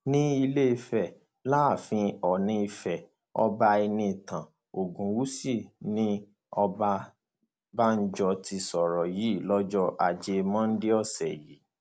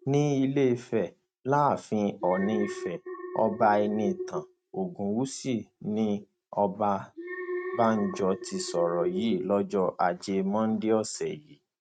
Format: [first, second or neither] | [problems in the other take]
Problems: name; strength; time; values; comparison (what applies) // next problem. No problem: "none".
first | noise reduction (neural mask model RNNoise)